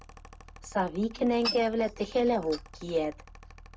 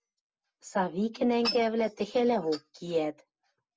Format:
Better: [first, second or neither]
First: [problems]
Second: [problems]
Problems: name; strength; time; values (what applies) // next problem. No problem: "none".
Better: second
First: background sound (Mechanical fan); 19 dB below the speech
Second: none